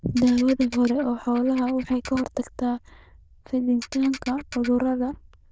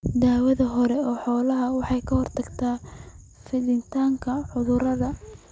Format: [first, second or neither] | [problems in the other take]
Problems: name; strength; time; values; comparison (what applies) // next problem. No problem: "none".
second | noise reduction (neural diffusion model UNIVERSE++)